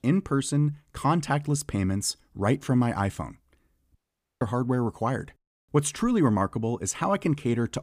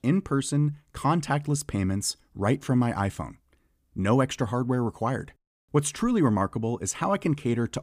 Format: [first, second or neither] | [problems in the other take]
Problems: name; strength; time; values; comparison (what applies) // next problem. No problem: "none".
second | audio cutting out; at 4 s